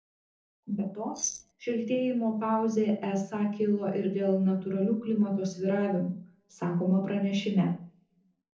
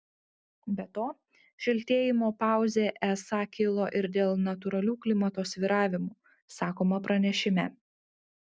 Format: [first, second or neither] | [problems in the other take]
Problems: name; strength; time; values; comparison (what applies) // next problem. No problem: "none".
second | noise reduction (neural separator model SepFormer DNS4)